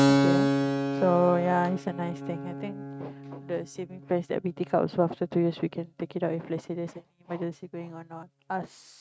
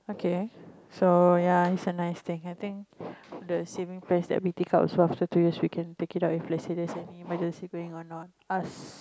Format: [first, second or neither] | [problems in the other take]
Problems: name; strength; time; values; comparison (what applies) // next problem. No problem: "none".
second | noise reduction (neural mask model RNNoise)